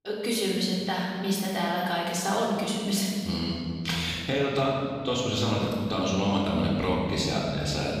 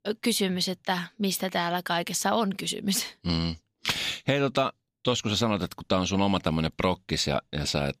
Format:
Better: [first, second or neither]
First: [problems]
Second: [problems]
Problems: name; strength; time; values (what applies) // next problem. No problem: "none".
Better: second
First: room echo; strong; dies away in 2.4 s // off-mic speech; far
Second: none